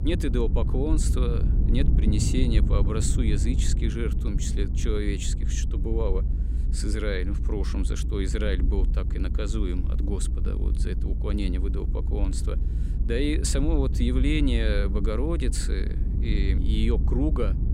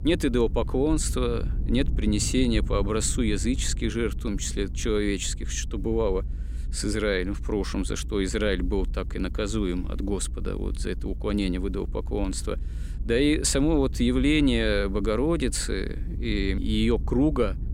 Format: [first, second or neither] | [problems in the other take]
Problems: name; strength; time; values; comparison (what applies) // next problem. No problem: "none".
second | low rumble; loud; throughout; 9 dB below the speech; faint in the second